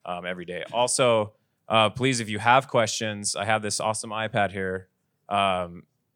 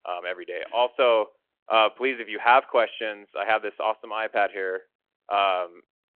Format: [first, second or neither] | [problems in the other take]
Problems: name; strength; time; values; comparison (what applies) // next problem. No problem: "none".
first | phone-call audio